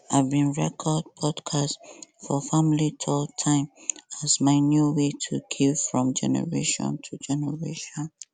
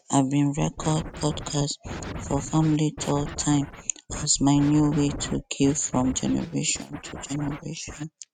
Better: first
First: none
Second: noise reduction (neural mask model RNNoise)

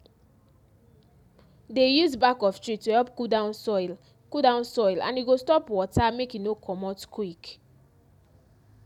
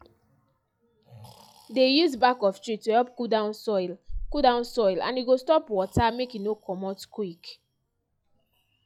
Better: first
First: none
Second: noise reduction (classical method log-MMSE)

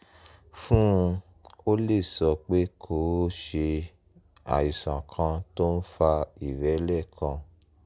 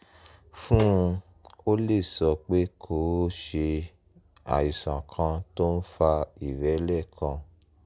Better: first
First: none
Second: background sound (Snare drum); 15 dB below the speech

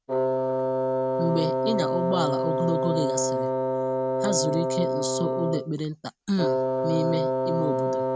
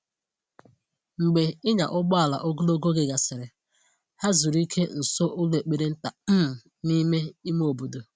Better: second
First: background sound (Wind instrument, woodwind instrument); 4 dB above the speech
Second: none

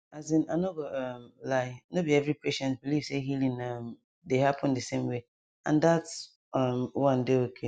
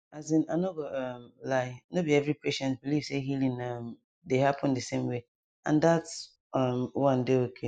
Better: first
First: none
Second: noise reduction (neural mask model Resemble Enhance denoiser)

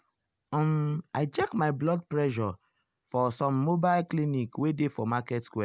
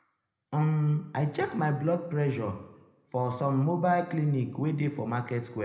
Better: first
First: none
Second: room echo; dies away in 0.8 s

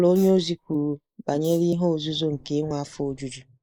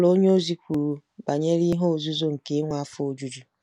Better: second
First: noise reduction (neural mask model Resemble Enhance denoiser)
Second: none

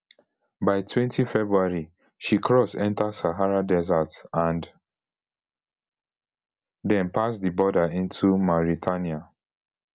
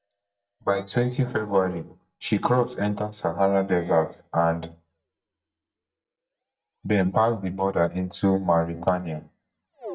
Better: first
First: none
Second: noise reduction (neural mask model DeepFilterNet 3)

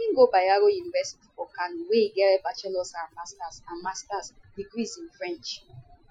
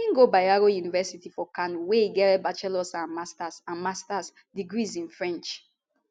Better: second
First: noise reduction (classical method Wiener filter)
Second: none

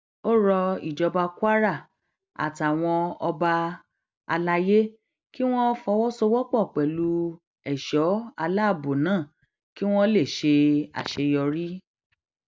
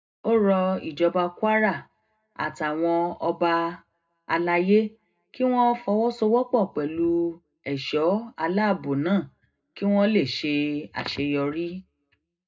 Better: first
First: none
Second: room echo; dies away in 0.2 s

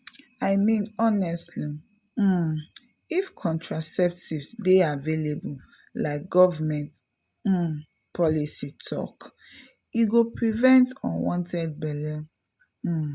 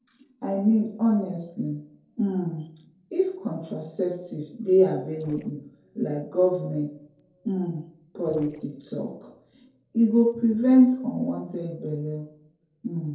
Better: first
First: none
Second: noise reduction (neural separator model SepFormer DNS4)

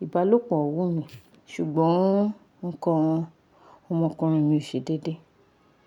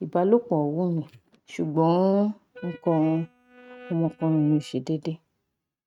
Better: first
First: none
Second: noise reduction (neural mask model RNNoise)

